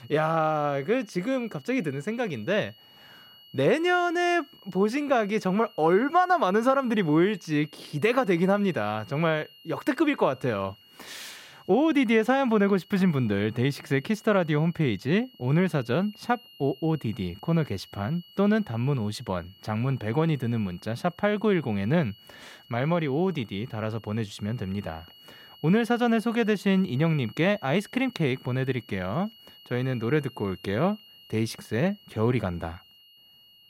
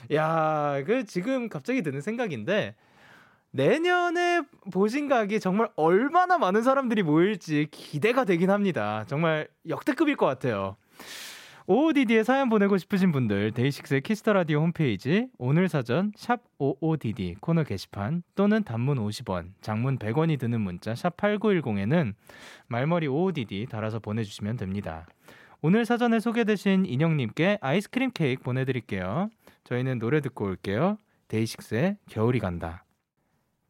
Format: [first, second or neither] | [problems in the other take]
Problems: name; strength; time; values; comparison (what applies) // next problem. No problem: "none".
second | high-pitched whine; faint; throughout; 3 kHz, 25 dB below the speech